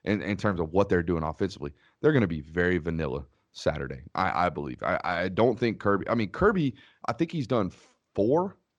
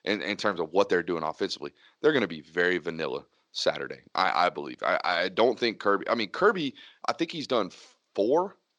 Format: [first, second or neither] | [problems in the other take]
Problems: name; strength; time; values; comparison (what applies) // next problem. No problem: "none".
first | thin; somewhat; fading below 350 Hz